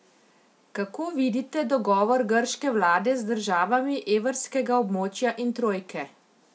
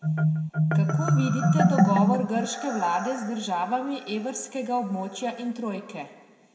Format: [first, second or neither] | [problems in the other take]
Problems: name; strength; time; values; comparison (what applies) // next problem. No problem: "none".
first | background sound (Marimba, xylophone); 3 dB above the speech // room echo; dies away in 1.2 s